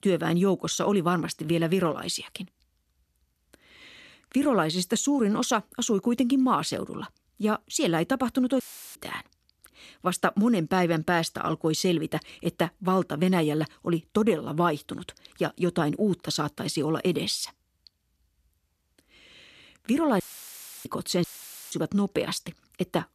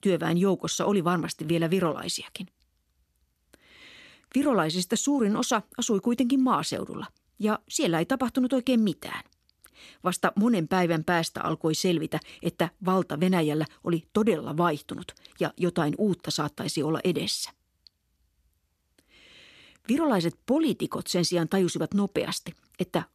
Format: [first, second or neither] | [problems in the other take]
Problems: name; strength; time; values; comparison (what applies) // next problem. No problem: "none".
second | audio cutting out; filled with static; at 8.5 s, at 20 s for 0.5 s and at 21 s